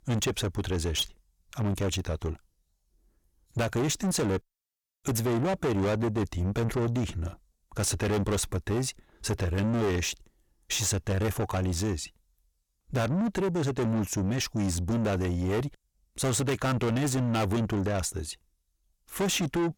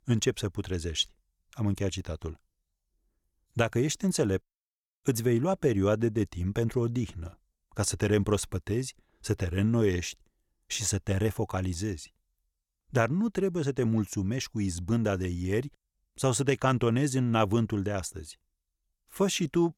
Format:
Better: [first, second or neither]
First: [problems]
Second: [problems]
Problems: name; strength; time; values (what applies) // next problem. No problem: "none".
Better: second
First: distortion; heavy; 7 dB below the speech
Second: none